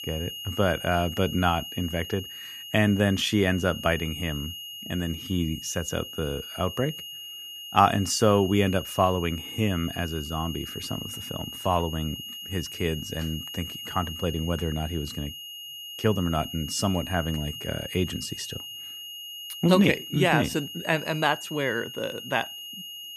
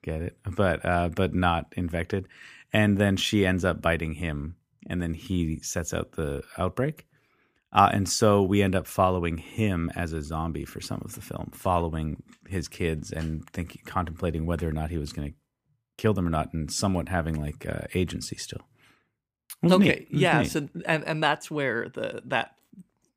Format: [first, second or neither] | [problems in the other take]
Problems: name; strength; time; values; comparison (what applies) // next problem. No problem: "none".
second | high-pitched whine; loud; throughout; 3 kHz, 9 dB below the speech